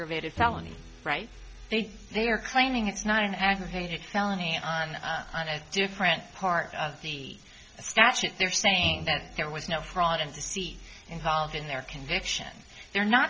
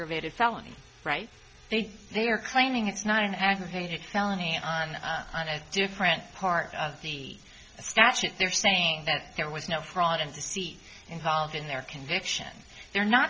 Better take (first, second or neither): second